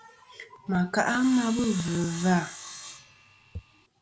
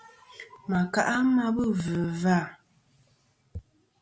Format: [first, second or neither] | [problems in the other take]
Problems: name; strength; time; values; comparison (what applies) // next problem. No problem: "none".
second | background sound (Sawing); 14 dB below the speech